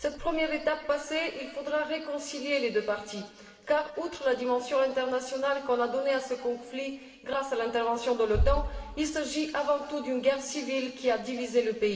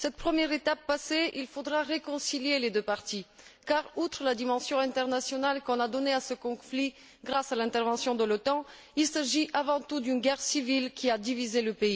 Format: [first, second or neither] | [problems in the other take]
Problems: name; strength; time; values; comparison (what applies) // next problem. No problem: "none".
second | background sound (Bass drum); 10 dB below the speech // room echo; dies away in 2.3 s